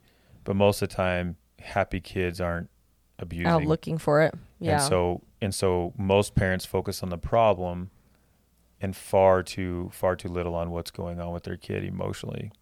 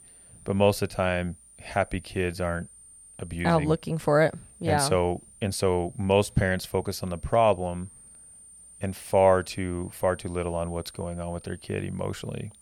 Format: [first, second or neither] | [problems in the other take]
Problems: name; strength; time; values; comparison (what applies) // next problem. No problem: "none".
first | high-pitched whine; faint; throughout; 9 kHz, 20 dB below the speech